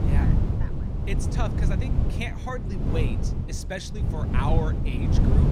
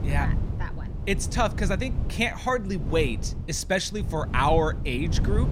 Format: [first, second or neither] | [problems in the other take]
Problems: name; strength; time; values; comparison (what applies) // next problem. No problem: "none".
second | wind noise on the microphone; heavy; 2 dB below the speech; occasional gusts in the second